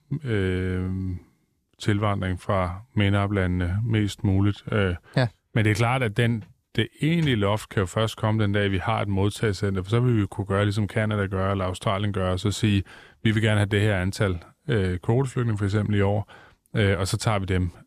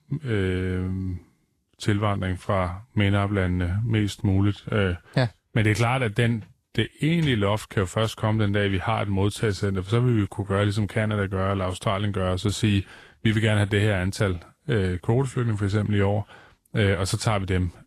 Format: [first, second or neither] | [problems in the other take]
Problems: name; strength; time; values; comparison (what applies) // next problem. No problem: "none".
first | garbled, watery; slightly